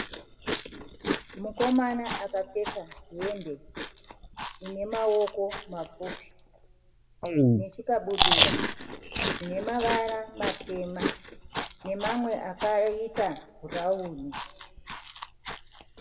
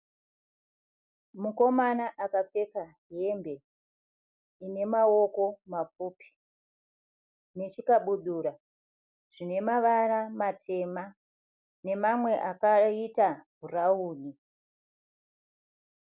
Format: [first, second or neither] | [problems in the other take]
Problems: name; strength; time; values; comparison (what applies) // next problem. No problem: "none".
second | background sound (Chewing, mastication); as loud as the speech // room echo; dies away in 1.1 s